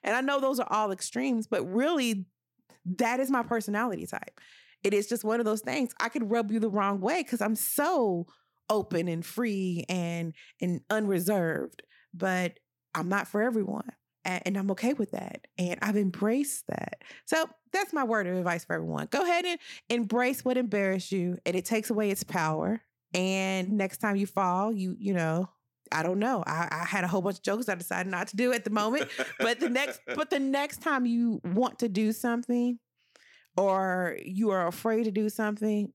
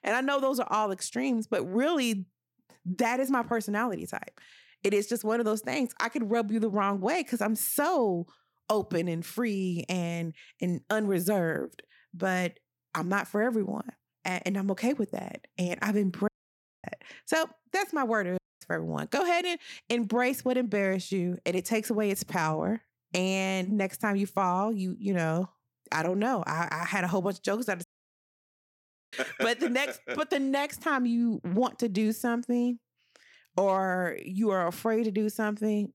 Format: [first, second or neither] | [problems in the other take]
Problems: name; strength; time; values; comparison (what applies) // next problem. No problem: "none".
first | audio cutting out; at 16 s for 0.5 s, at 18 s and at 28 s for 1.5 s